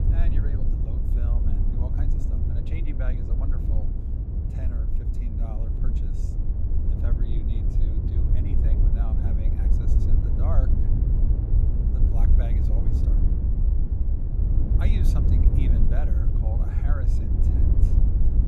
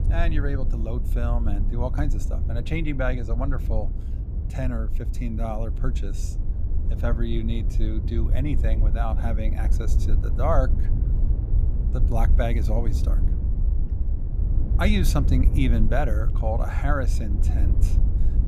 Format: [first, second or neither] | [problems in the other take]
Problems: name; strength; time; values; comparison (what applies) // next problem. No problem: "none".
second | wind noise on the microphone; heavy; 3 dB above the speech; occasional gusts in the second